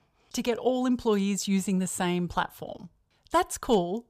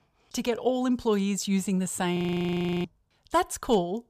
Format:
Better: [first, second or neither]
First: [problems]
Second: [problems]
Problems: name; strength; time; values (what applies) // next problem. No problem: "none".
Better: first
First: none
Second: audio freezing; at 2 s for 0.5 s